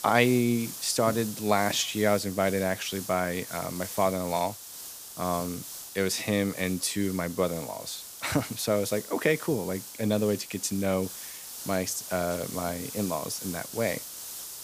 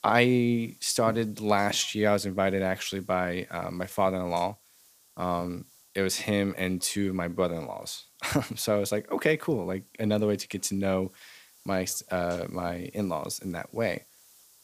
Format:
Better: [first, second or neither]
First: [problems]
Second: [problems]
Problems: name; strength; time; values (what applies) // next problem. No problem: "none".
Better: second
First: hiss; loud; throughout; 10 dB below the speech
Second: hiss; faint; throughout; 30 dB below the speech